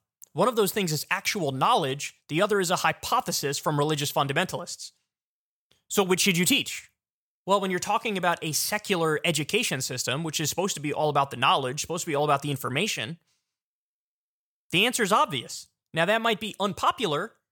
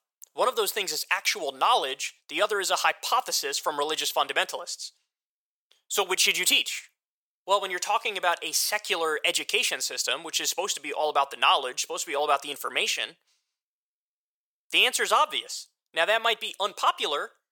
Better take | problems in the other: first | thin; very; fading below 450 Hz

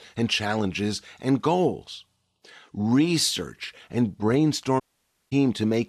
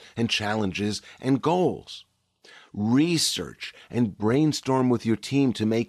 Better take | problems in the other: second | audio cutting out; at 5 s for 0.5 s

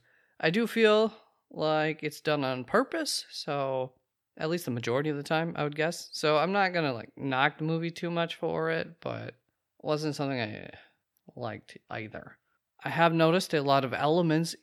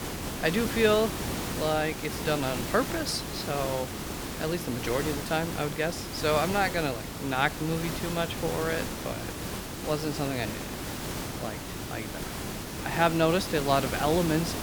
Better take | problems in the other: first | hiss; loud; throughout; 5 dB below the speech

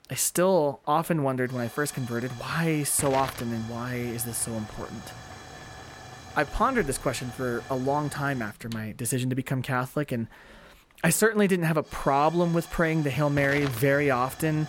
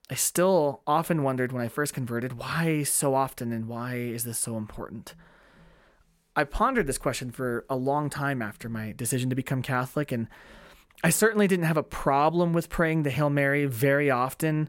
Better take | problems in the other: second | hiss; noticeable; throughout; 15 dB below the speech

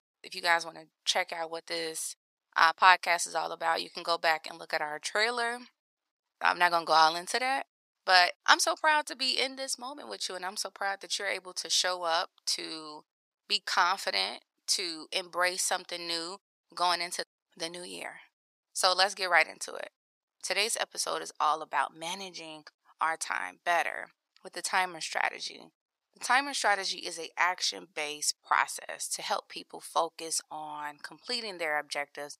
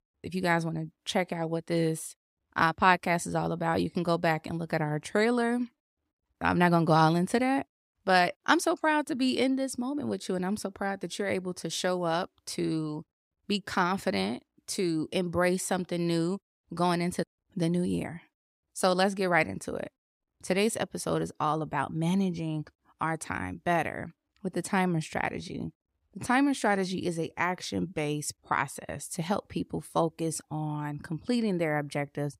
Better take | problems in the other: second | thin; very; fading below 900 Hz

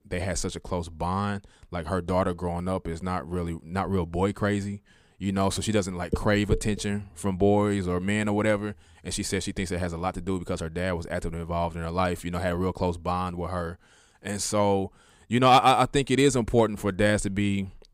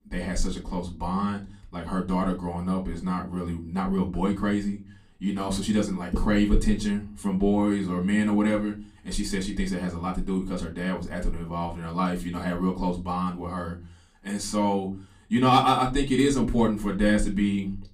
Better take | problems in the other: first | off-mic speech; far // room echo; very slight; dies away in 0.3 s

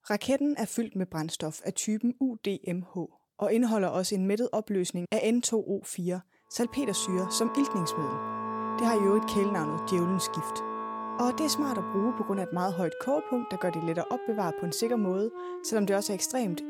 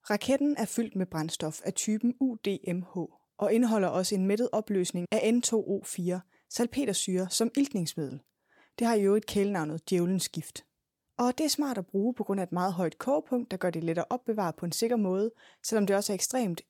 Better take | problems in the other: second | background music; loud; from 7 s on; 6 dB below the speech

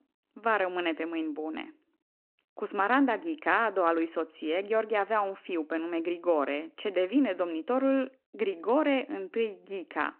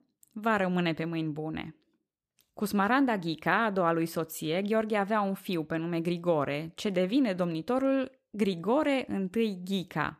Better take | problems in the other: second | phone-call audio

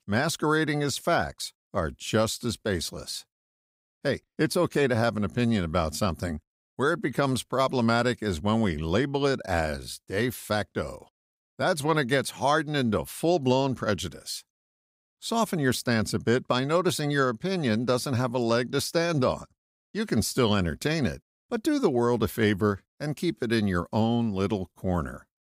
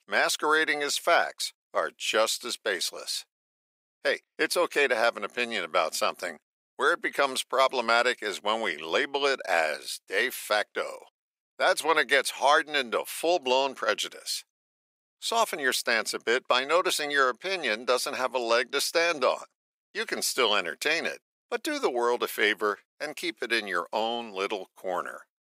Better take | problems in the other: first | thin; very; fading below 450 Hz

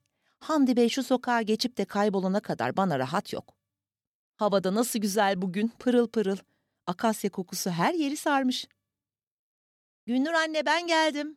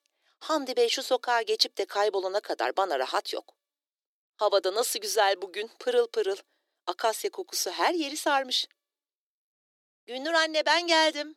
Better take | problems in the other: first | thin; very; fading below 350 Hz

